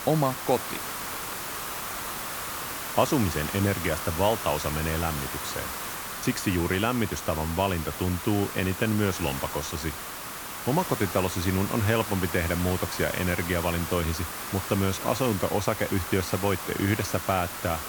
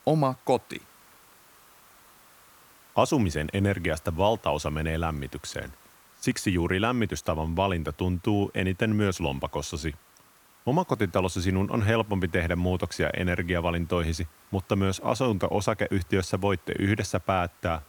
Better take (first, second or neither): second